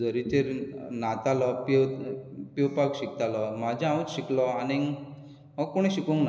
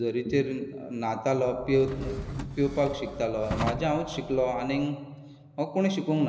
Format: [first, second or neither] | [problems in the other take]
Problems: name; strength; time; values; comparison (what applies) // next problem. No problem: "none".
first | background sound (Drawer open or close); 9 dB below the speech